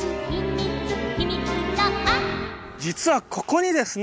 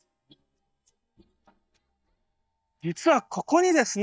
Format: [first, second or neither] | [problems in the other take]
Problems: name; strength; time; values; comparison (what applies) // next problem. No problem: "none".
first | noise reduction (neural mask model DeepFilterNet 3)